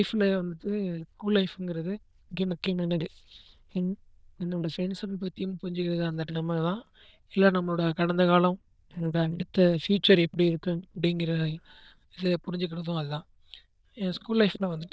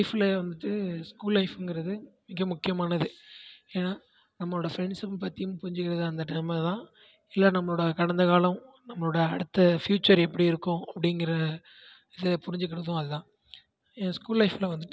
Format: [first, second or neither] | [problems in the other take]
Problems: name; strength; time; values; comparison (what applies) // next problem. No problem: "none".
second | noise reduction (neural diffusion model UNIVERSE++)